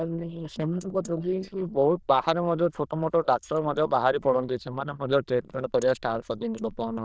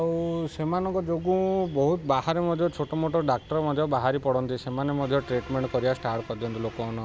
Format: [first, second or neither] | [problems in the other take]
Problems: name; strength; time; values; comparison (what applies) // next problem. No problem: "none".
second | noise reduction (neural diffusion model UNIVERSE++)